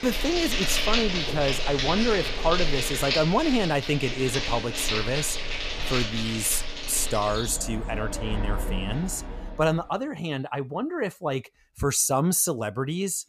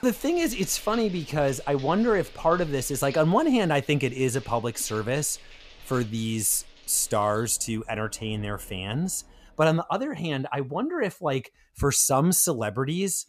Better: second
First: animal sounds; loud; until 9.5 s; 2 dB below the speech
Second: animal sounds; faint; until 9.5 s; 20 dB below the speech

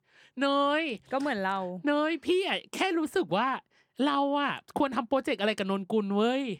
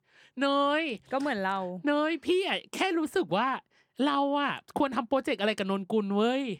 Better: neither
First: none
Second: none

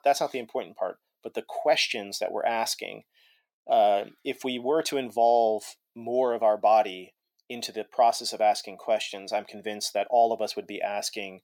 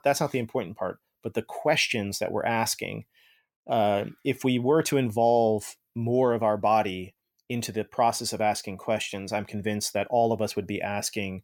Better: second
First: thin; somewhat; fading below 350 Hz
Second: none

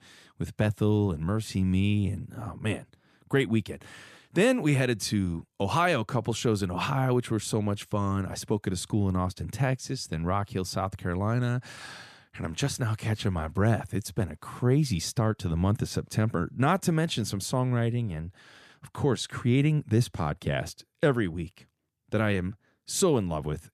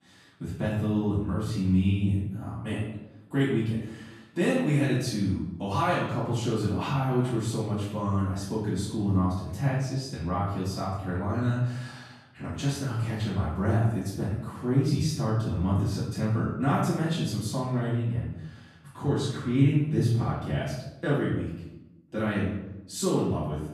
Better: first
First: none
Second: room echo; noticeable; dies away in 0.8 s // off-mic speech; far

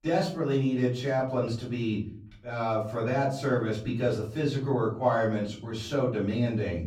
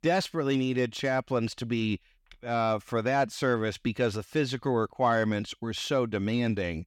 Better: second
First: off-mic speech; far // room echo; slight; dies away in 0.6 s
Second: none

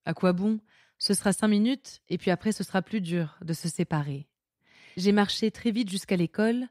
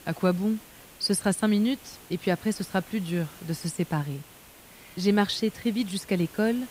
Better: first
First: none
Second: hiss; noticeable; throughout; 20 dB below the speech

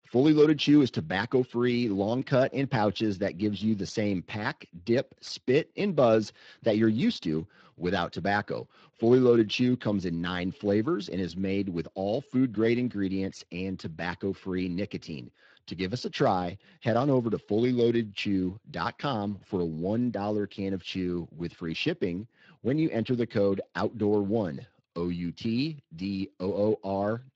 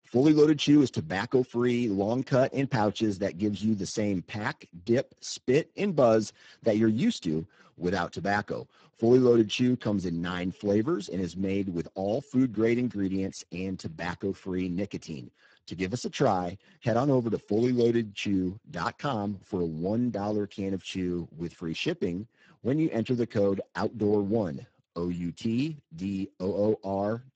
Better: first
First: garbled, watery; slightly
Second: garbled, watery; badly; nothing above 7.5 kHz

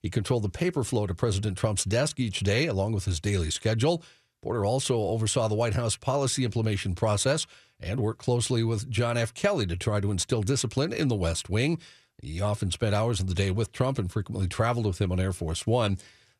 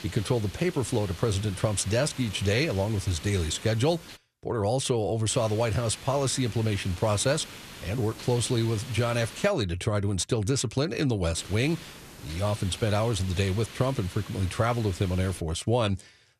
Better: first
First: none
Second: hiss; noticeable; until 4 s, from 5.5 to 9.5 s and from 11 to 15 s; 15 dB below the speech

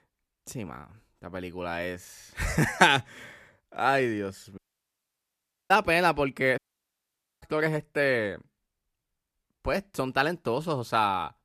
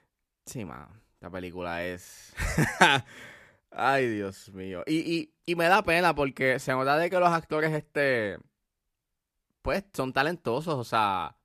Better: second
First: audio cutting out; at 4.5 s for 1 s and at 6.5 s for 1 s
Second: none

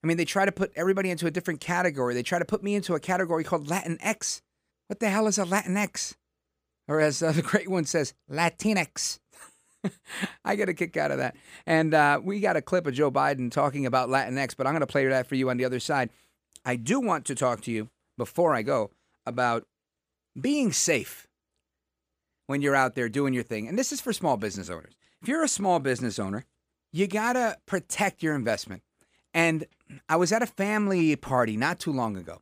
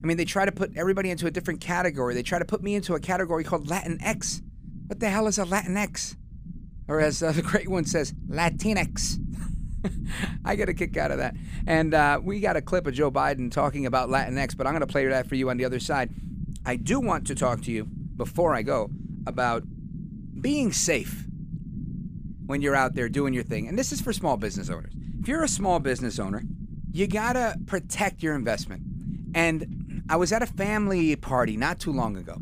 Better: first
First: none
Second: low rumble; faint; throughout; 20 dB below the speech

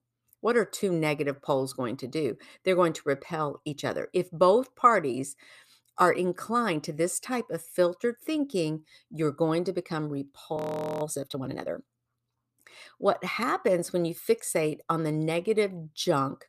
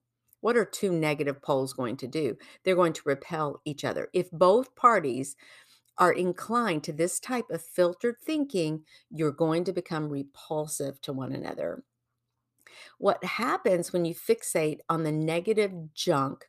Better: second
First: audio freezing; at 11 s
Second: none

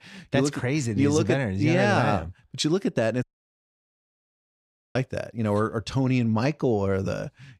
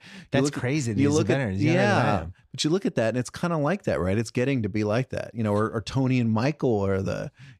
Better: second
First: audio cutting out; at 3 s for 1.5 s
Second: none

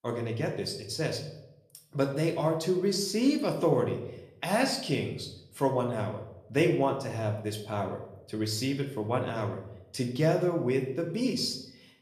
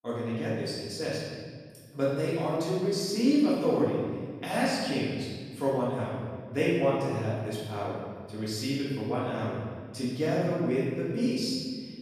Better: first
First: room echo; slight; dies away in 0.6 s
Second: room echo; strong; dies away in 1.7 s // off-mic speech; far

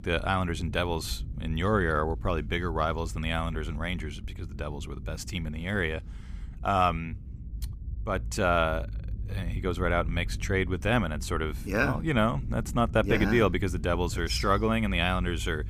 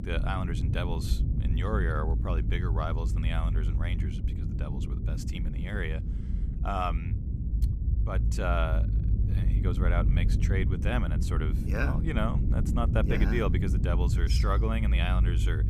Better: first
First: low rumble; faint; throughout; 25 dB below the speech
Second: low rumble; loud; throughout; 8 dB below the speech

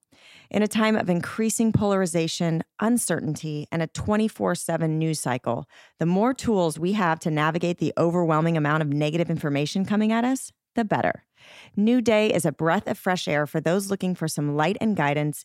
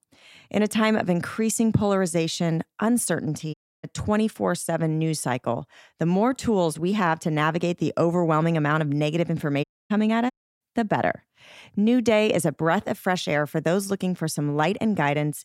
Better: first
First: none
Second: audio cutting out; at 3.5 s, at 9.5 s and at 10 s

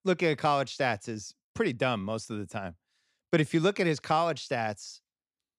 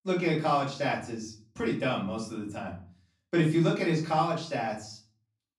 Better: first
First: none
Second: room echo; slight; dies away in 0.4 s // off-mic speech; far

